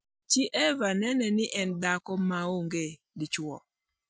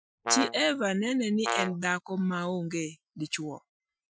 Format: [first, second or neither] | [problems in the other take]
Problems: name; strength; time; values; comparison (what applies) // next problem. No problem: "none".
first | noise reduction (classical method Wiener filter)